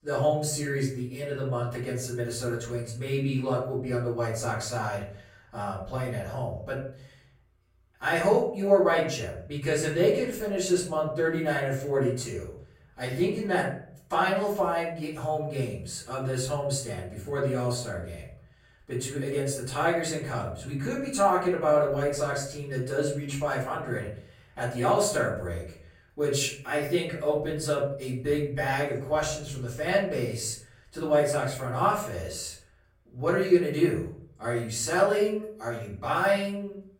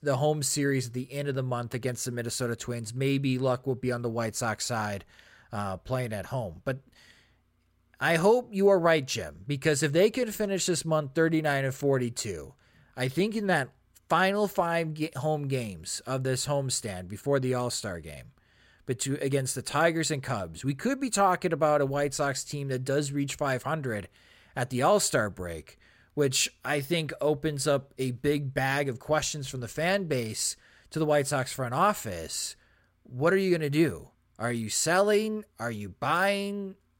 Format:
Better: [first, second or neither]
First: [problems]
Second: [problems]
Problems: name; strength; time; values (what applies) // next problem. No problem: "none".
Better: second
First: off-mic speech; far // room echo; noticeable; dies away in 0.5 s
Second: none